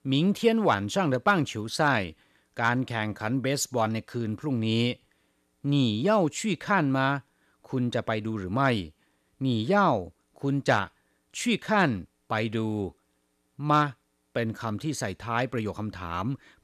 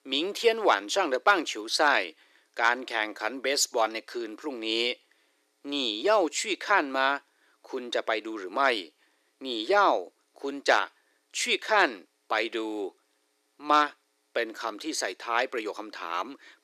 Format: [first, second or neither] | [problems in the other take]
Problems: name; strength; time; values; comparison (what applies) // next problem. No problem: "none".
first | thin; very; fading below 350 Hz